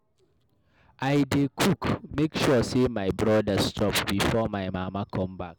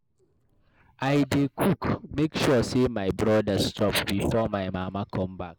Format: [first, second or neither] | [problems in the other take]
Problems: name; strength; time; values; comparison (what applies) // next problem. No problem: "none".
first | noise reduction (neural mask model Resemble Enhance denoiser)